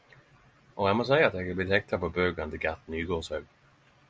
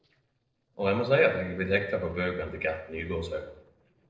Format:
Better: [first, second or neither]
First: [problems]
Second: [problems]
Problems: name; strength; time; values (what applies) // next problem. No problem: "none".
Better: first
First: none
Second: noise reduction (neural separator model SepFormer DNS4)